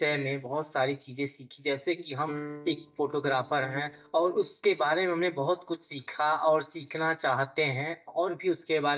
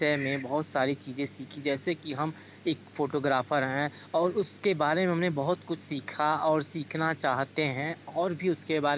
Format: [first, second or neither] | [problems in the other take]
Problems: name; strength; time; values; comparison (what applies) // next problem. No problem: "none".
second | noise reduction (neural mask model DeepFilterNet 3)